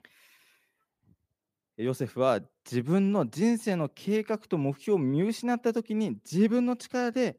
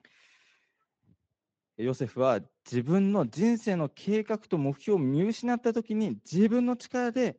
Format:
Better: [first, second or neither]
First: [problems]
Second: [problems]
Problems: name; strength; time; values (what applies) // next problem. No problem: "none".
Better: first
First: none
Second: garbled, watery; slightly; nothing above 7.5 kHz